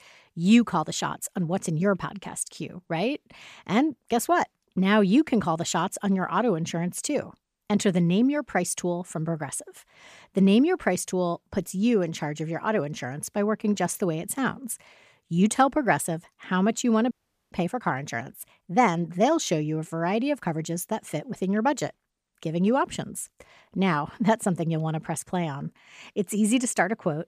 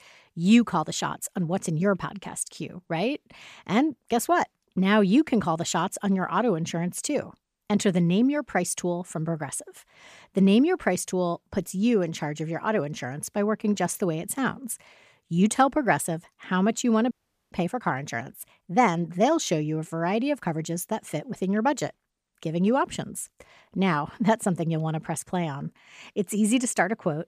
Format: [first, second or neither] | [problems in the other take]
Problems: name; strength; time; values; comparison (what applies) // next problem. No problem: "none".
neither | audio freezing; at 17 s; the same in both